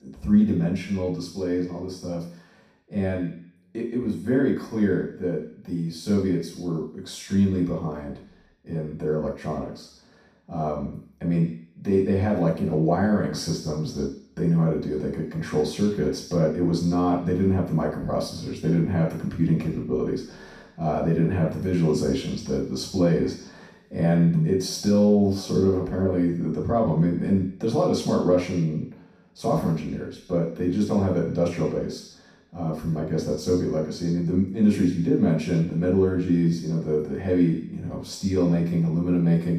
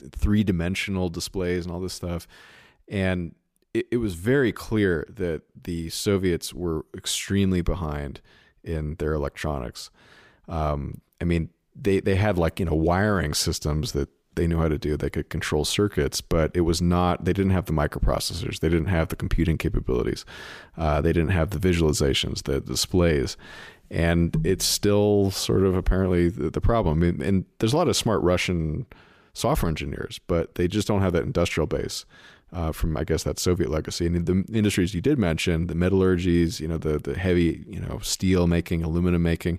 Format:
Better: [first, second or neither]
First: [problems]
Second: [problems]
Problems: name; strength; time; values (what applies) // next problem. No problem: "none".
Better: second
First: room echo; noticeable; dies away in 0.6 s // off-mic speech; far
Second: none